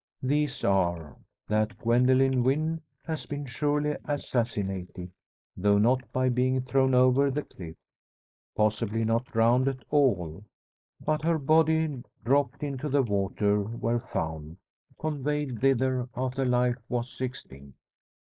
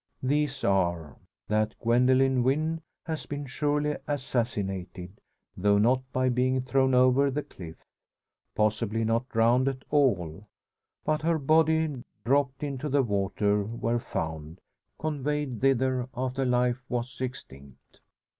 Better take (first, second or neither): second